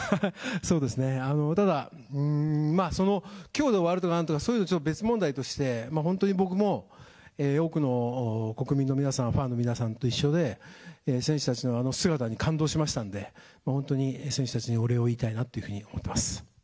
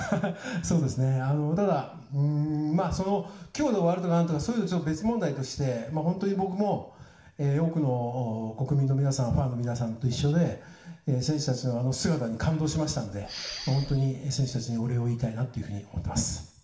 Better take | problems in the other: first | background sound (Respiratory sounds); 13 dB below the speech // room echo; dies away in 0.6 s

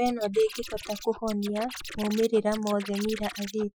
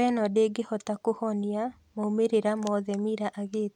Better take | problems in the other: second | noise reduction (classical method Wiener filter)

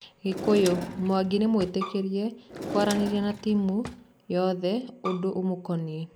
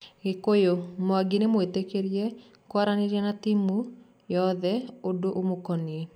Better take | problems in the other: second | background sound (Drawer open or close + Bowed string instrument); 10 dB below the speech

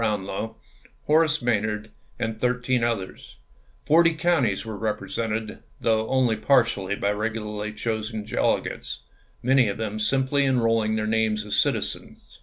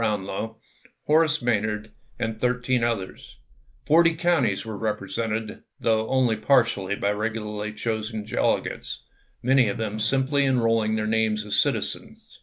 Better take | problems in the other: first | noise reduction (neural mask model Resemble Enhance denoiser)

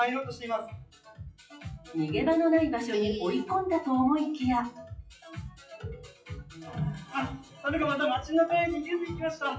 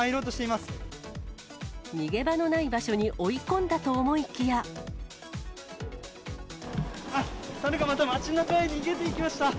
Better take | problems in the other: second | noise reduction (classical method WPE with log-MMSE)

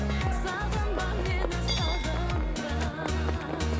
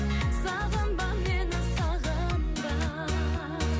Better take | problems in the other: second | background sound (Livestock, farm animals, working animals); 9 dB below the speech

